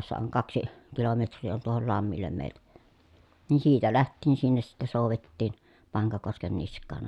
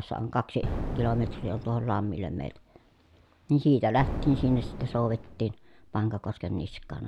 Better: first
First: none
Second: background sound (Boom); 6 dB below the speech

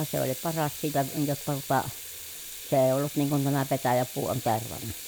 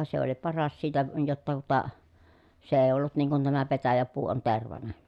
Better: second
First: background sound (Sink (filling or washing) / Water tap, faucet); 11 dB below the speech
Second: none

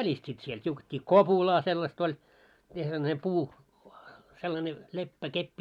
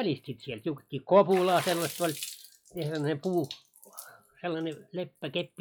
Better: first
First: none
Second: noise reduction (classical method log-MMSE)

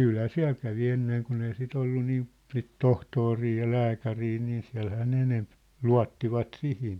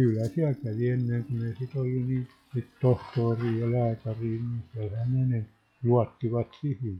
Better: first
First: none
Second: noise reduction (classical method log-MMSE)

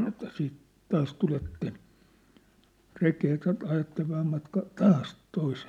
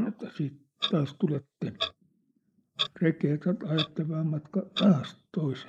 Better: first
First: none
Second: noise reduction (neural mask model Resemble Enhance denoiser)

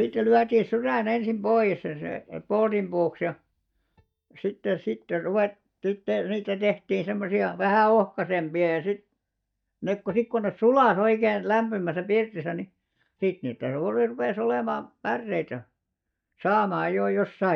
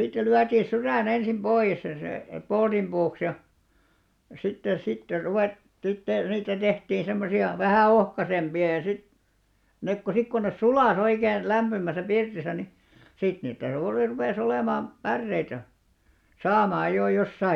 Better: second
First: noise reduction (neural mask model DeepFilterNet 3)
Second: none

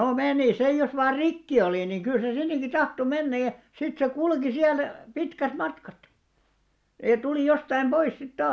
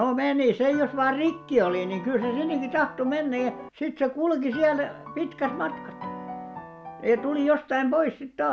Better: first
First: none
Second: background sound (Piano); 13 dB below the speech

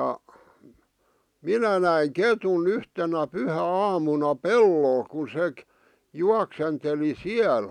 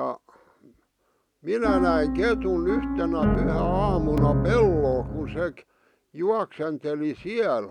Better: first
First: none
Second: background sound (Piano); 1 dB above the speech

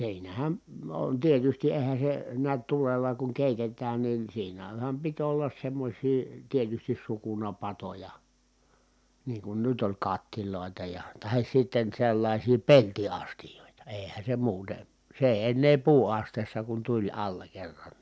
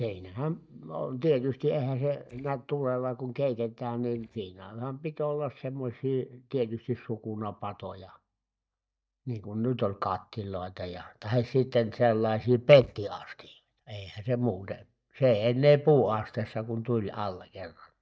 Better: first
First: none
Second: noise reduction (neural mask model DeepFilterNet 3)

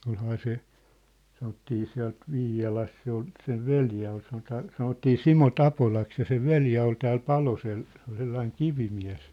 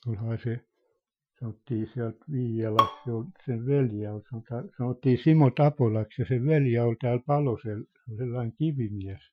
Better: first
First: none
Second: noise reduction (classical method Wiener filter)

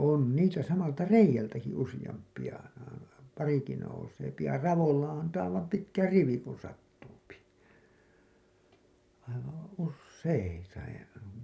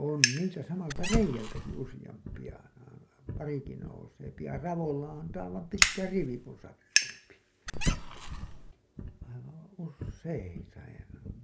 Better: first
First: none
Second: background sound (Squeak + Fire); 2 dB above the speech

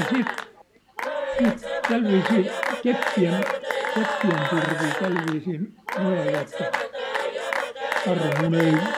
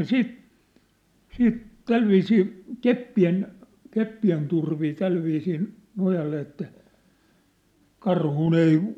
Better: second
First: background sound (Applause / Cheering / Clapping); 2 dB below the speech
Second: none

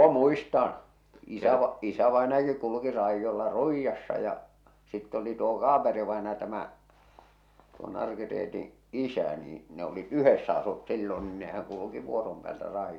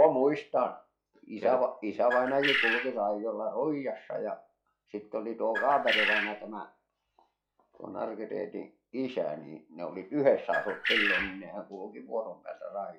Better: first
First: none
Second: noise reduction (classical method log-MMSE)

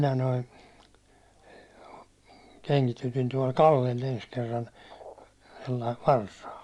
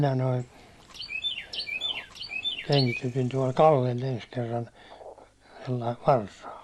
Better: first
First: none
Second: background sound (Chirp, tweet); 7 dB below the speech

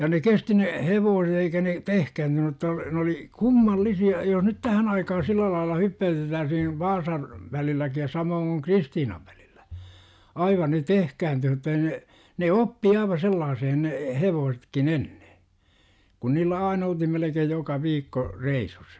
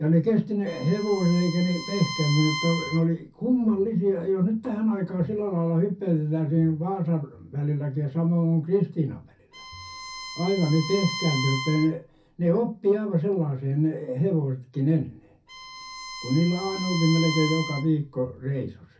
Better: first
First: none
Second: background sound (Bowed string instrument); 11 dB below the speech // room echo; dies away in 0.3 s

